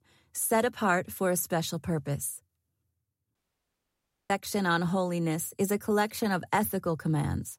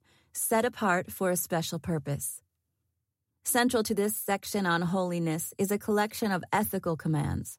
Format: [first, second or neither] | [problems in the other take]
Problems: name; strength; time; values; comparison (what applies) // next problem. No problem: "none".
second | audio cutting out; at 3.5 s for 1 s